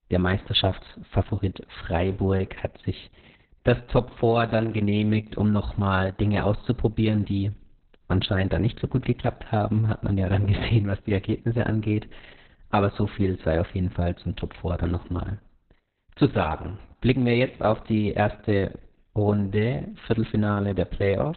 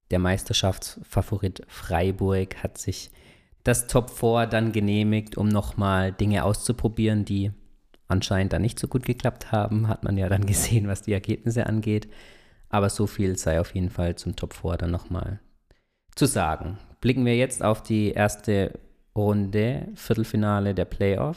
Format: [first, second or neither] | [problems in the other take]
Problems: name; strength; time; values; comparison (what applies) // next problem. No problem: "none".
second | garbled, watery; badly; nothing above 4 kHz